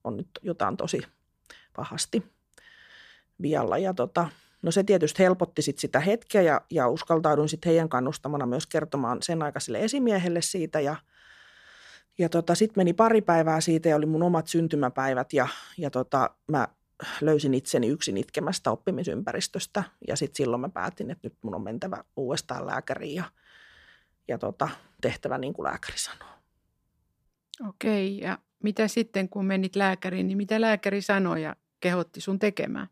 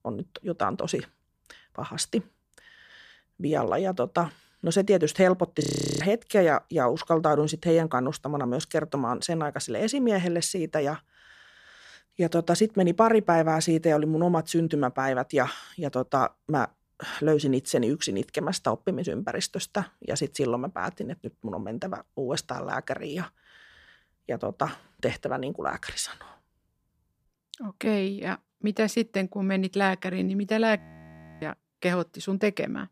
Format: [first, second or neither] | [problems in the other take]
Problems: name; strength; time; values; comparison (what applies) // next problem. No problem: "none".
first | audio freezing; at 5.5 s and at 31 s for 0.5 s